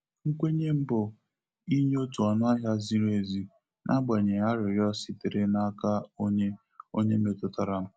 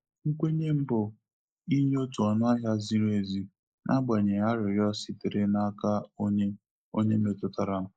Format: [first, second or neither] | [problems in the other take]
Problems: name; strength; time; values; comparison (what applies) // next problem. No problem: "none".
first | noise reduction (neural mask model Resemble Enhance denoiser)